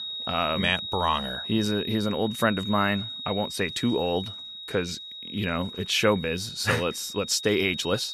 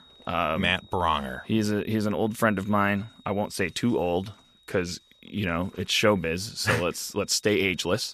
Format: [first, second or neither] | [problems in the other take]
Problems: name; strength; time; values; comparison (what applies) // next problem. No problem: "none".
second | high-pitched whine; loud; throughout; 4 kHz, 8 dB below the speech; faint in the second